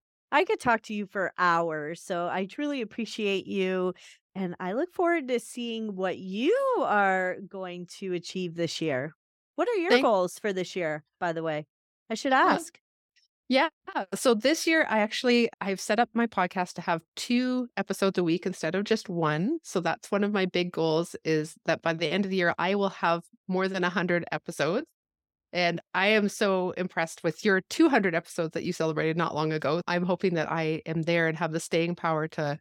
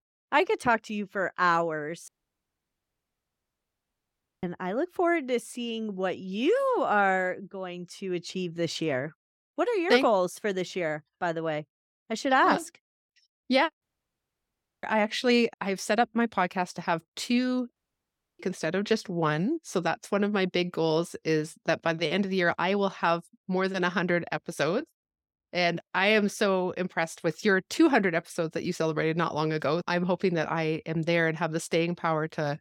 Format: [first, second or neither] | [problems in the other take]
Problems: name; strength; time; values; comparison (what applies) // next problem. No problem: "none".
first | audio cutting out; at 2 s for 2.5 s, at 14 s for 1 s and at 18 s for 0.5 s